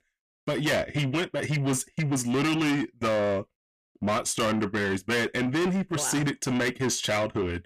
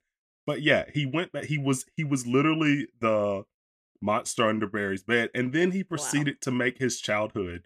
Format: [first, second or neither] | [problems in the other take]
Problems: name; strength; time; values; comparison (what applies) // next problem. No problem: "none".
second | distortion; heavy; 6 dB below the speech